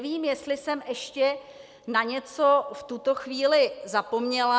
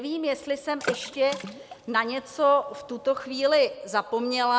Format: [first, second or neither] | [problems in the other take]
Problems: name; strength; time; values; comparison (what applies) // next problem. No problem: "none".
first | background sound (Water / Splash, splatter); 14 dB below the speech